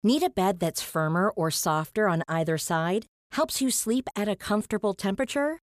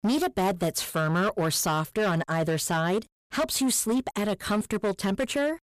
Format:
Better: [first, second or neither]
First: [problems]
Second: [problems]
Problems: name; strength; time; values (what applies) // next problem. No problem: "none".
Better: first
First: none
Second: distortion; slight; 14% of the sound clipped